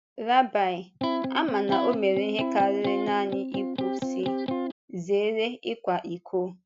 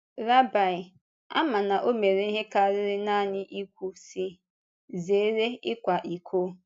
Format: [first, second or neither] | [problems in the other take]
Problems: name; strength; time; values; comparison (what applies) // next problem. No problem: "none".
second | background sound (Electric guitar); 2 dB below the speech